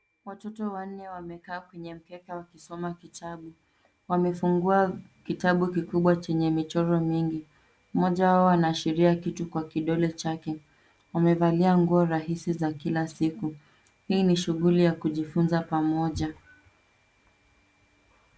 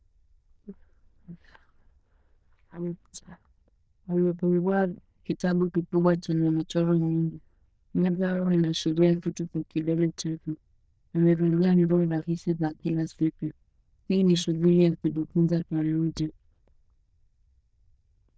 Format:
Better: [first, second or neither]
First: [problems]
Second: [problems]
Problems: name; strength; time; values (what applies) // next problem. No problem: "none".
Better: first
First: none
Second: noise reduction (neural diffusion model UNIVERSE++)